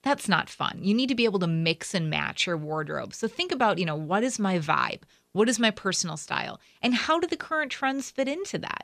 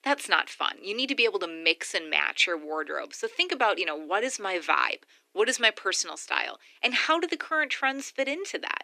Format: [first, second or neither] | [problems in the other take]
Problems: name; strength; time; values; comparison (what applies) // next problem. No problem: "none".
first | thin; somewhat; fading below 300 Hz